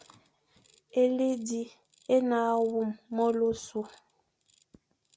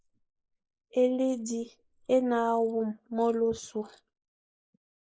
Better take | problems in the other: first | noise reduction (neural mask model Resemble Enhance denoiser)

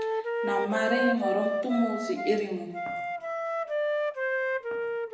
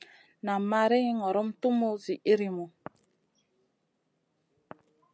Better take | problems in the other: second | background sound (Wind instrument, woodwind instrument); 1 dB above the speech // room echo; dies away in 0.9 s

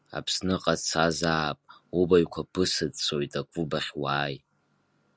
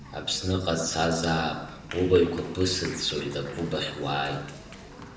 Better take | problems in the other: first | background sound (Applause); 15 dB below the speech // room echo; dies away in 0.8 s

